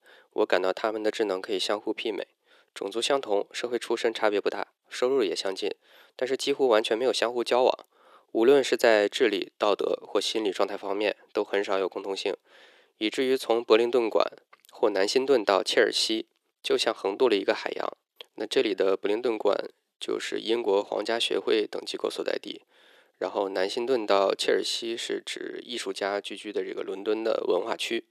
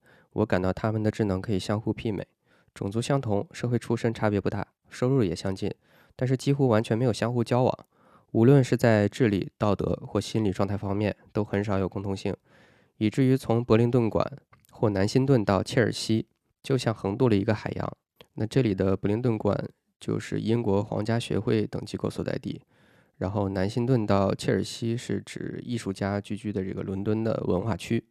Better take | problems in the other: second | thin; very; fading below 400 Hz

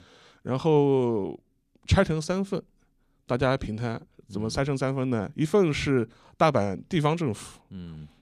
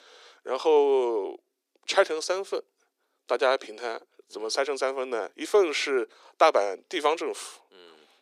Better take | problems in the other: first | thin; very; fading below 350 Hz

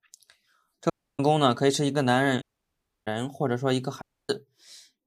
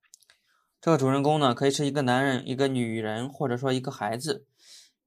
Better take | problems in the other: second | audio cutting out; at 1 s, at 2.5 s for 0.5 s and at 4 s

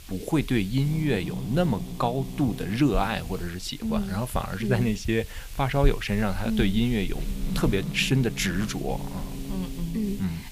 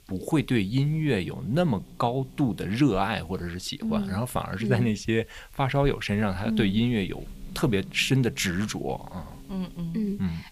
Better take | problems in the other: second | hiss; loud; throughout; 9 dB below the speech; faint in the second

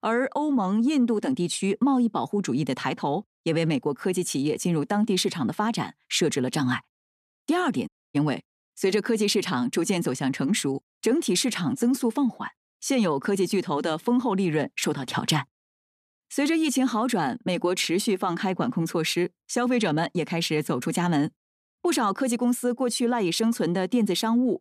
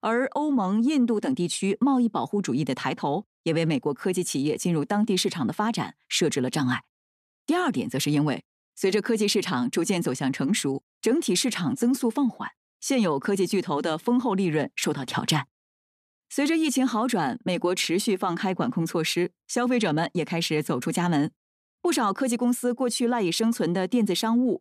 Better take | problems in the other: second | audio cutting out; at 8 s

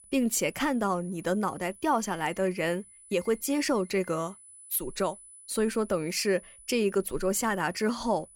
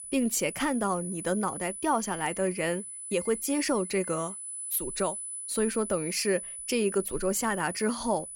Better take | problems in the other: first | high-pitched whine; loud; throughout; 10 kHz, 7 dB below the speech; faint in the first

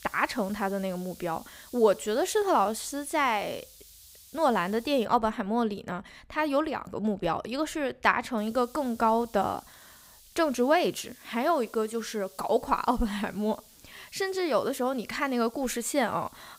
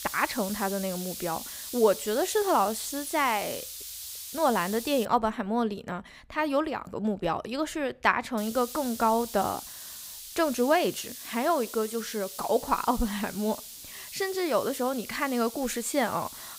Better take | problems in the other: first | hiss; loud; until 5 s and from 8.5 s on; 10 dB below the speech; faint in the first

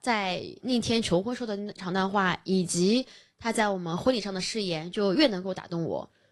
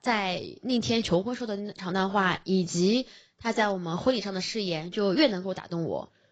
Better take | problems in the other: first | garbled, watery; badly; nothing above 7.5 kHz; slightly in the first

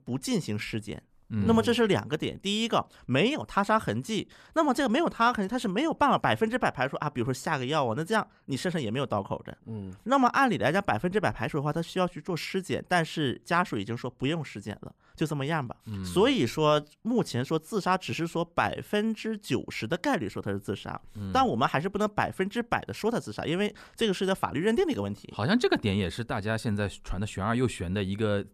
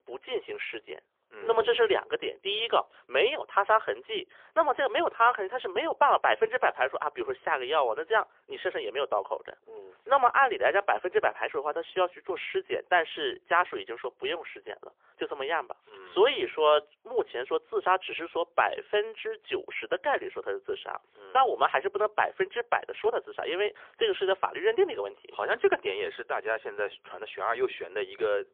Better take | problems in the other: first | phone-call audio; poor line; nothing above 3.5 kHz

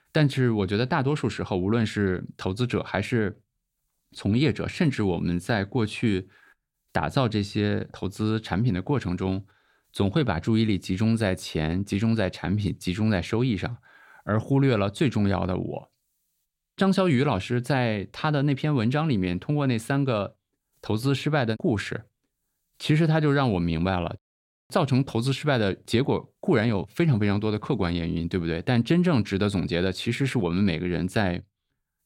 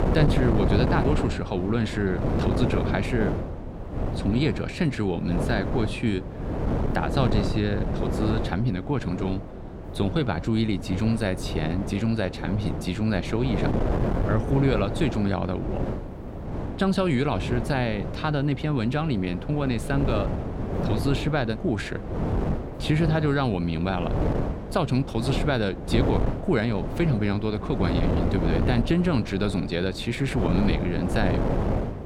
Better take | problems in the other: first | wind noise on the microphone; heavy; 4 dB below the speech

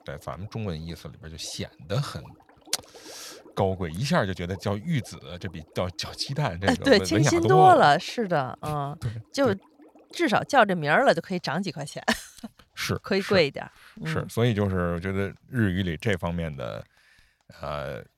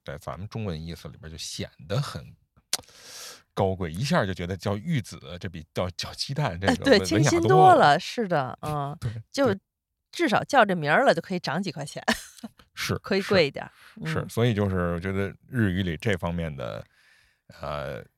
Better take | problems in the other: second | household noises; faint; throughout; 30 dB below the speech

